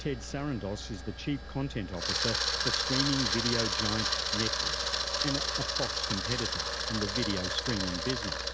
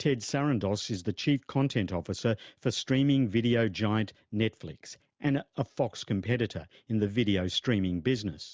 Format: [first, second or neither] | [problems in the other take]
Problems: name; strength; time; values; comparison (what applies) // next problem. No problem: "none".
second | background sound (Camera); 3 dB above the speech